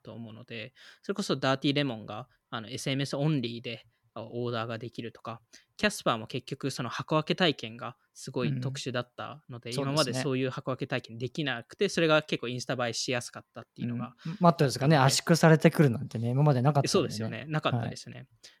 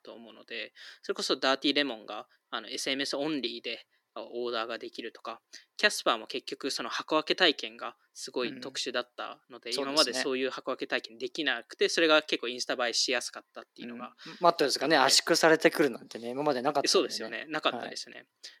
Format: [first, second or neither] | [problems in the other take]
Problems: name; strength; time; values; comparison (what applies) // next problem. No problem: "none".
first | thin; somewhat; fading below 300 Hz